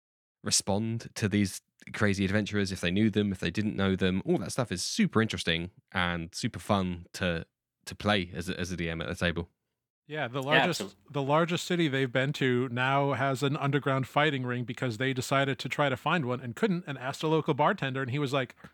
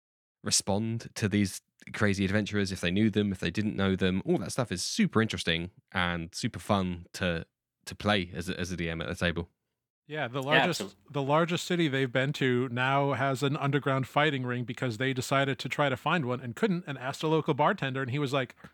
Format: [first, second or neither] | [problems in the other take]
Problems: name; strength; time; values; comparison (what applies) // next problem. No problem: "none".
neither | none